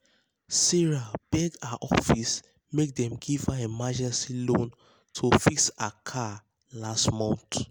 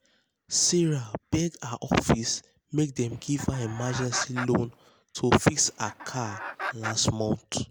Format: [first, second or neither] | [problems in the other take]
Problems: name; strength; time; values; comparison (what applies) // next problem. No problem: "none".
first | background sound (Chicken, rooster); 11 dB below the speech